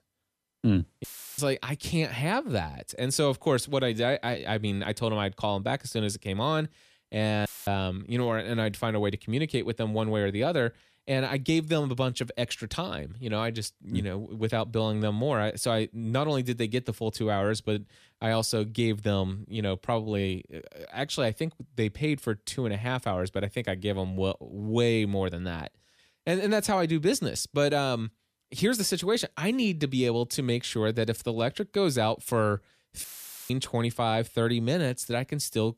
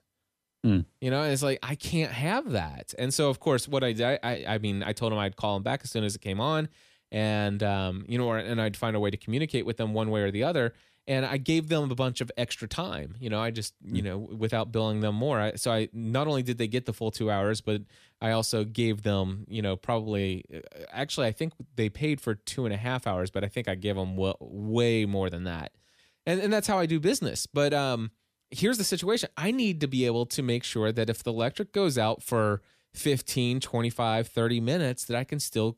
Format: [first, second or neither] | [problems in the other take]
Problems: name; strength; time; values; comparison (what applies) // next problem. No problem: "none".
second | audio cutting out; filled with static; at 1 s, at 7.5 s and at 33 s